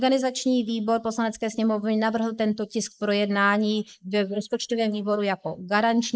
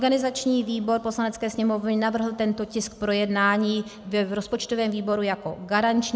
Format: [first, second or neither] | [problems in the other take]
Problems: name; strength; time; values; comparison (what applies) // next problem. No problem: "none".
second | noise reduction (neural mask model Resemble Enhance denoiser)